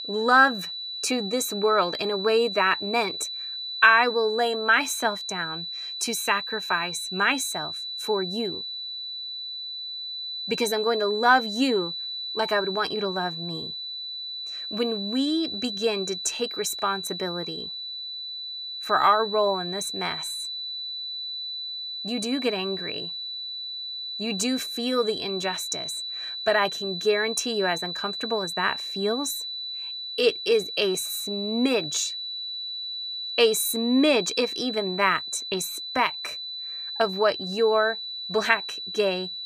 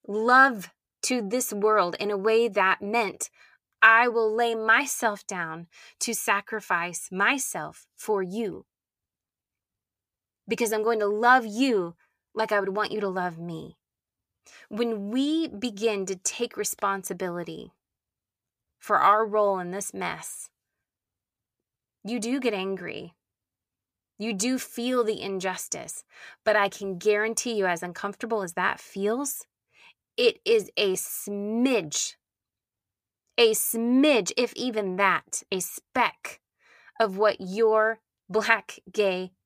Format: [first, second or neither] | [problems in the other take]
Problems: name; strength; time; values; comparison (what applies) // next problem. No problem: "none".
second | high-pitched whine; loud; throughout; 4 kHz, 6 dB below the speech